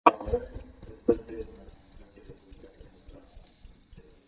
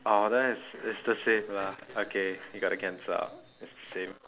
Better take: second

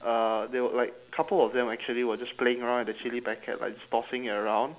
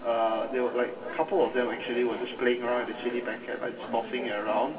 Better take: first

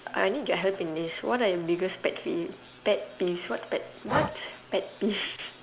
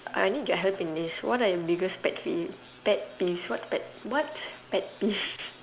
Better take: second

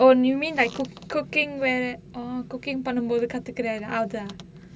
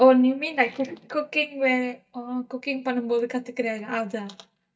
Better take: first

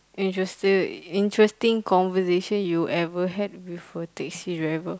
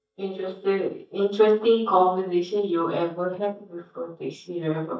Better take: first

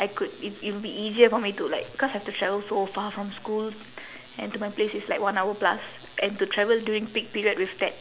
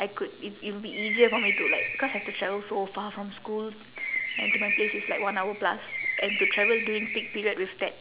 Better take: first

